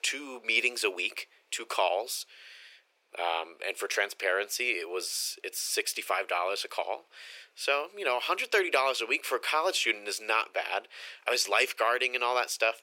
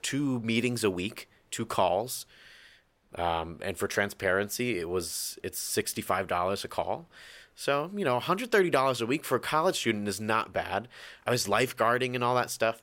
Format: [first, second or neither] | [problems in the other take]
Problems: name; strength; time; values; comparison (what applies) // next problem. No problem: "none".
second | thin; very; fading below 400 Hz